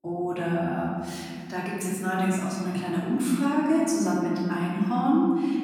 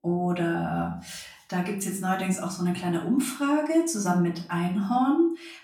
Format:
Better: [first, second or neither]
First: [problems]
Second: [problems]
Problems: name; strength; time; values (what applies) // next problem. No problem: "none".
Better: second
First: room echo; strong; dies away in 2.2 s // off-mic speech; far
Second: room echo; slight; dies away in 0.4 s // off-mic speech; far